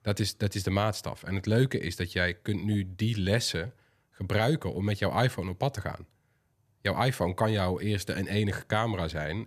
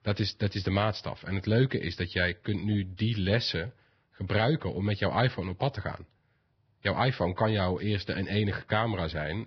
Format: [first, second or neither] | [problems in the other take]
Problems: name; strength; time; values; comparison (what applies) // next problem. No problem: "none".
first | garbled, watery; badly; nothing above 5 kHz